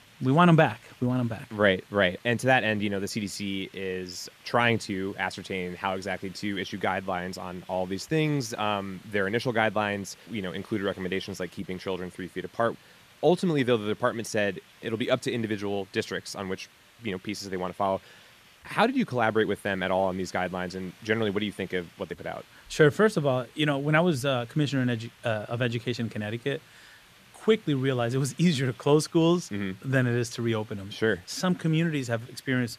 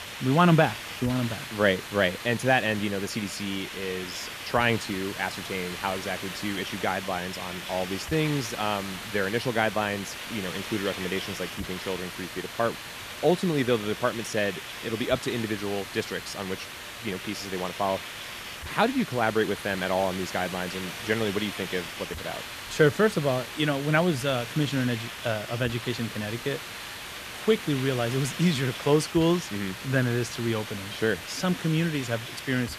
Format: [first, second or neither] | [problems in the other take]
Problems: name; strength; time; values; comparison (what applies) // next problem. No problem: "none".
first | hiss; loud; throughout; 8 dB below the speech; faint in the first